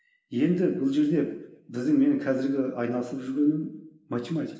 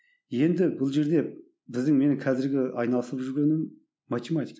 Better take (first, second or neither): second